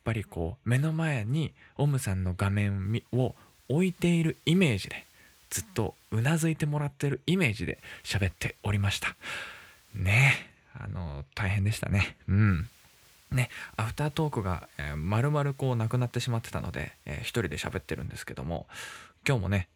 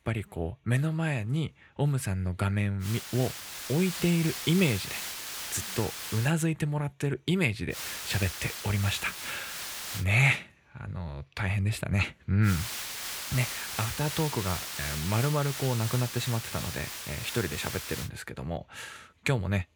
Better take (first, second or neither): first